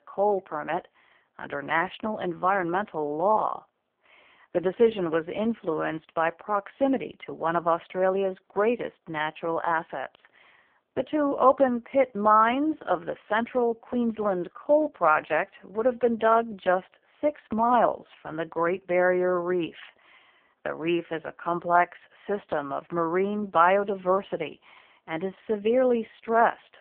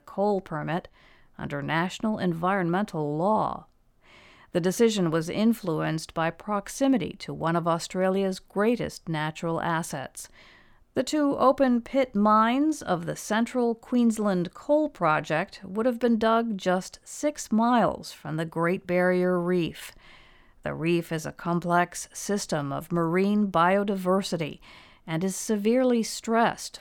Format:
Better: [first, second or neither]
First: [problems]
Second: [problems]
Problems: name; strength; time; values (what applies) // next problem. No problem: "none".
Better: second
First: phone-call audio; poor line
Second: none